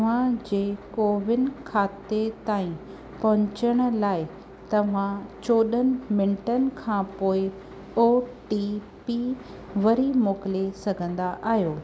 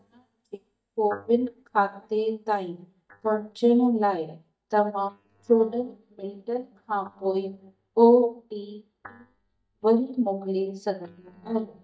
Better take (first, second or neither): first